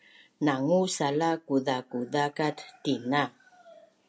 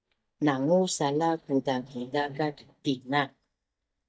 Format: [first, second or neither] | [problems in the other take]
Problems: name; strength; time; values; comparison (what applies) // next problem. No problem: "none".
first | noise reduction (neural mask model DeepFilterNet 3)